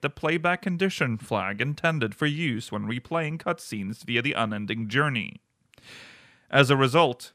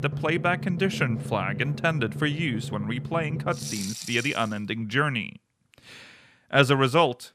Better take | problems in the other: first | background music; loud; until 4 s; 8 dB below the speech

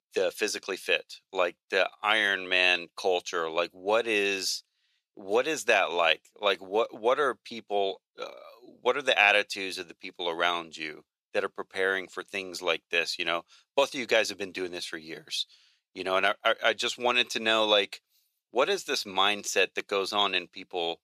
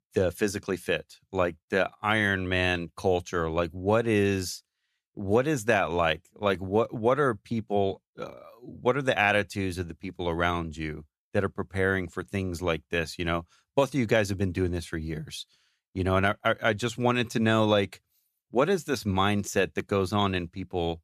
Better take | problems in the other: second | thin; somewhat; fading below 500 Hz

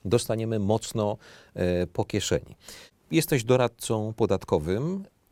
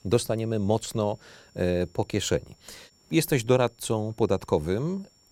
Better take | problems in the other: first | high-pitched whine; faint; throughout; 5.5 kHz, 35 dB below the speech

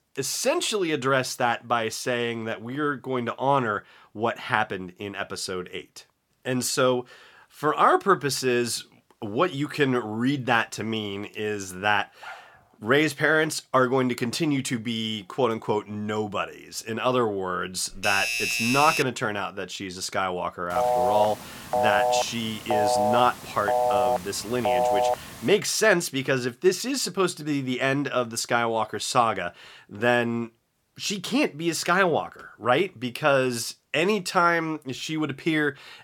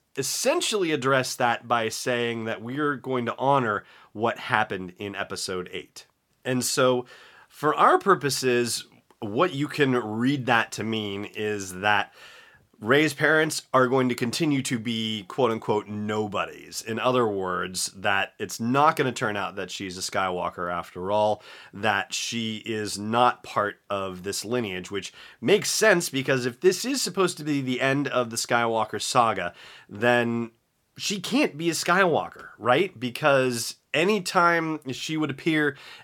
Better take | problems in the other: second | dog barking; faint; at 12 s; peak 15 dB below the speech // doorbell; loud; from 18 to 19 s; peak 1 dB above the speech // phone ringing; loud; from 21 to 25 s; peak 3 dB above the speech

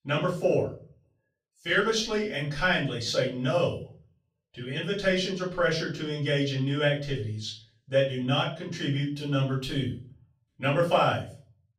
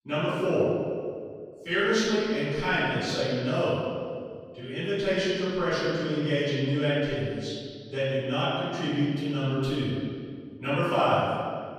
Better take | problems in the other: first | room echo; strong; dies away in 2 s; slight in the first // off-mic speech; far; far in the first

